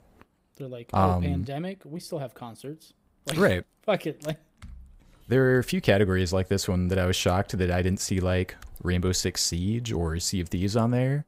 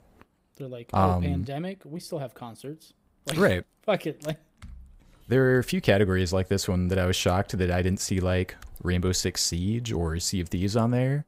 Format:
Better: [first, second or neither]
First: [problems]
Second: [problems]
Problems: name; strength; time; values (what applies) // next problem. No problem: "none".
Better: neither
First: none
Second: none